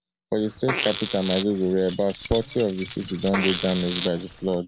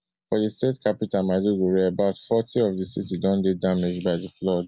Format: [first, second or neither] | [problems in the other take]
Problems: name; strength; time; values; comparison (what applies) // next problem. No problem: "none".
second | background sound (Fart + Keys jangling); 7 dB below the speech